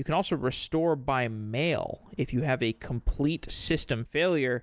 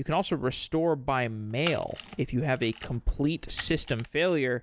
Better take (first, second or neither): first